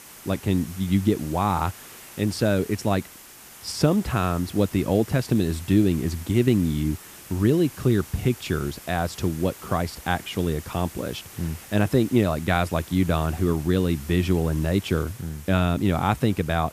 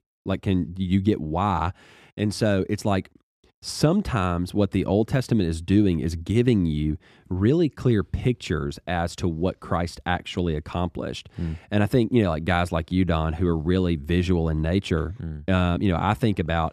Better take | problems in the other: second | hiss; noticeable; throughout; 20 dB below the speech

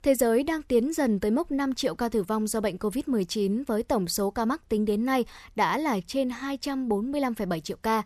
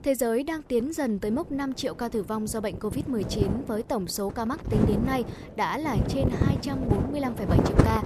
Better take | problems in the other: first | wind noise on the microphone; heavy; 3 dB below the speech

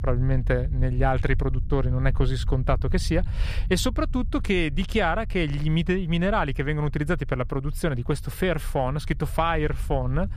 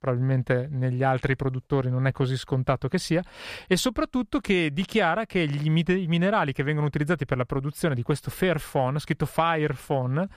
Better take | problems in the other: second | low rumble; faint; throughout; 25 dB below the speech

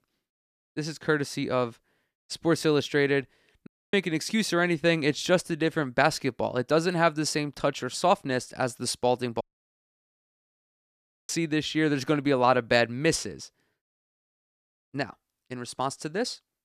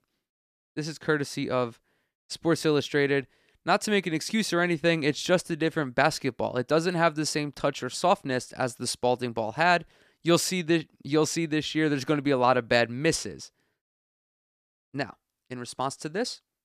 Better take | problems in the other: second | audio cutting out; at 3.5 s and at 9.5 s for 2 s

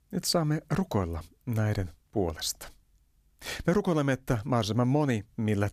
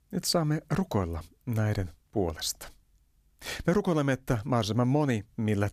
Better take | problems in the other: neither | none

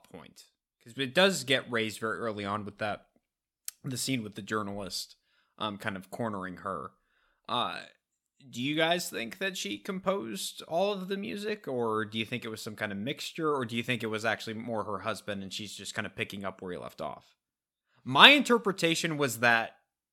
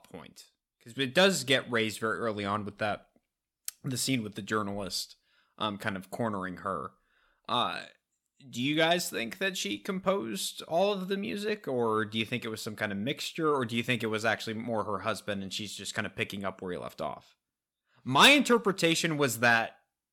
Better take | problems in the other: first | distortion; slight; 10 dB below the speech

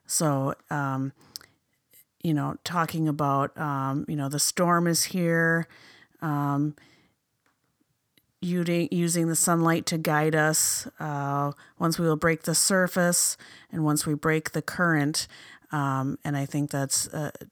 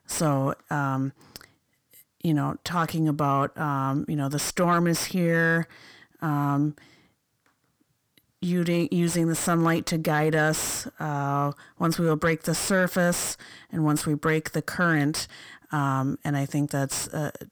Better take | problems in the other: first | distortion; slight; 10 dB below the speech

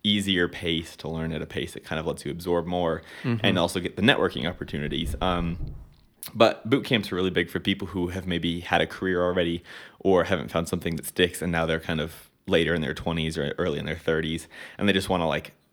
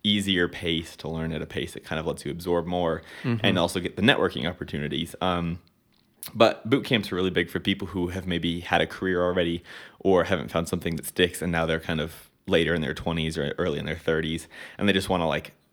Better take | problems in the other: second | dog barking; faint; from 4.5 to 6 s; peak 10 dB below the speech

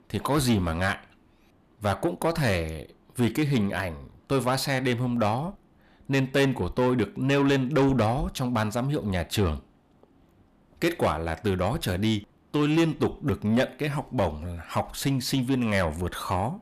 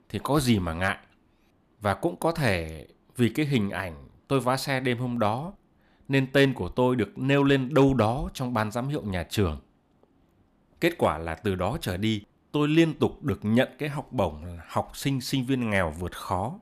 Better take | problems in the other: second | distortion; slight; 10 dB below the speech

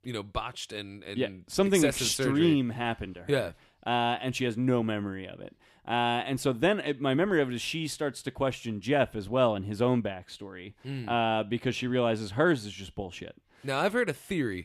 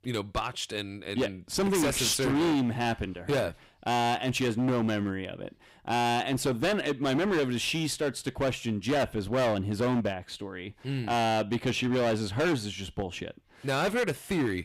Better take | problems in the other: first | distortion; heavy; 16% of the sound clipped

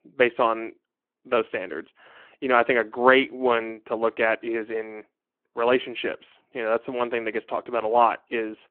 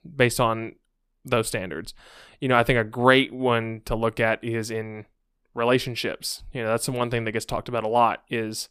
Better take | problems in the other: second | phone-call audio

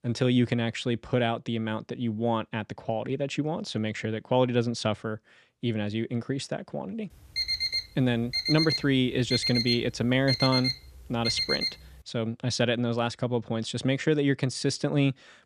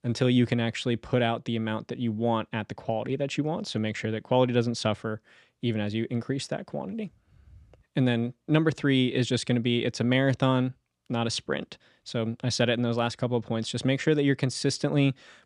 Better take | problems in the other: second | alarm; loud; from 7.5 to 12 s; peak 2 dB above the speech

